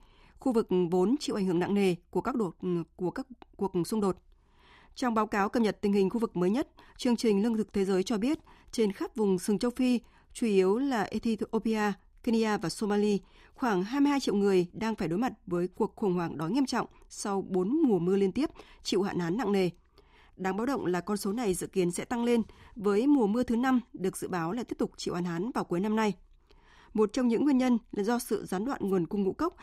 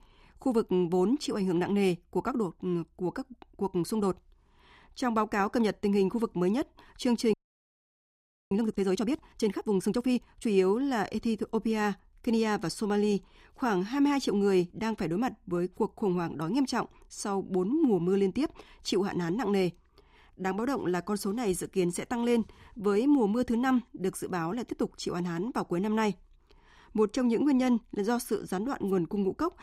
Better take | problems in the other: first | audio freezing; at 7.5 s for 1 s

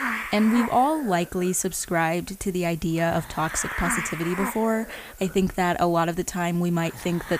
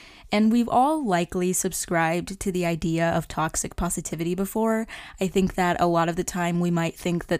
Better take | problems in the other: second | hiss; loud; throughout; 8 dB below the speech

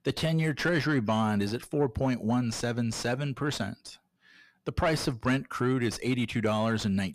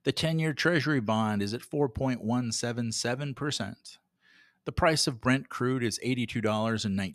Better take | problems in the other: second | distortion; slight; 10 dB below the speech

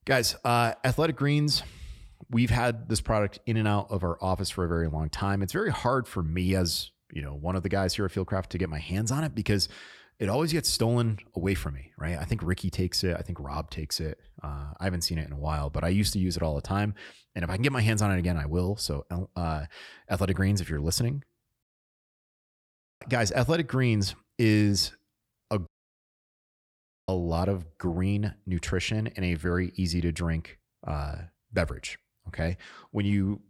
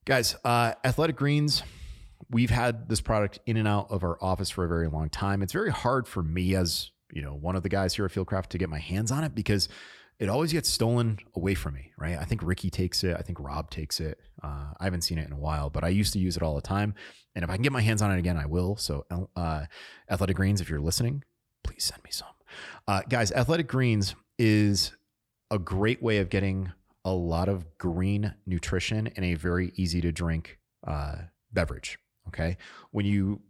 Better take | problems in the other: second | audio cutting out; at 22 s for 1.5 s and at 26 s for 1.5 s

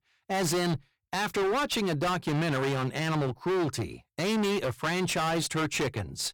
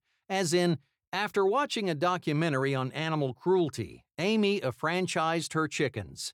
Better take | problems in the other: second | distortion; heavy; 31% of the sound clipped

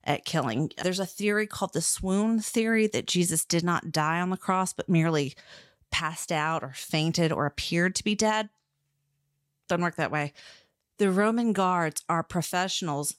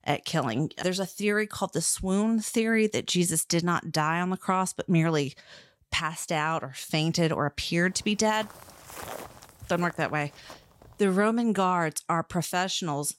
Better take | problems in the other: first | footsteps; faint; from 8 to 11 s; peak 10 dB below the speech

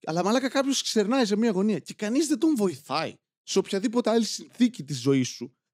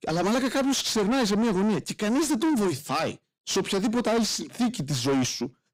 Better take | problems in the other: first | distortion; heavy; 7 dB below the speech

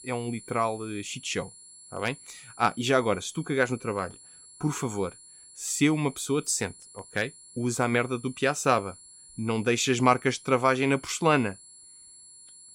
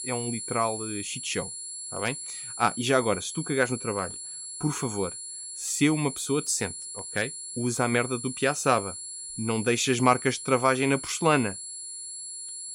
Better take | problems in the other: first | high-pitched whine; loud; throughout; 10.5 kHz, 8 dB below the speech; faint in the first

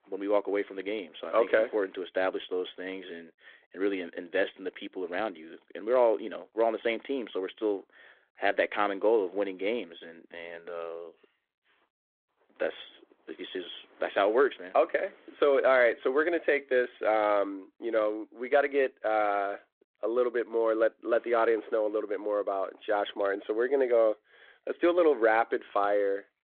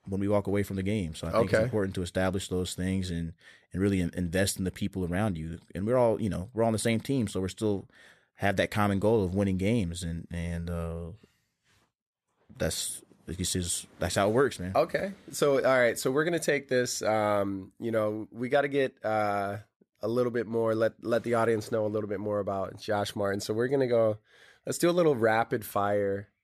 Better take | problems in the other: second | phone-call audio

